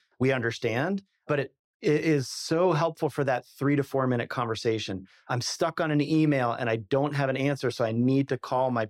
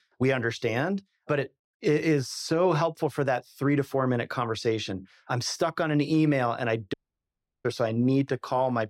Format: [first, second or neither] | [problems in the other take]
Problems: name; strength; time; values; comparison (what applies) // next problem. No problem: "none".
first | audio cutting out; at 7 s for 0.5 s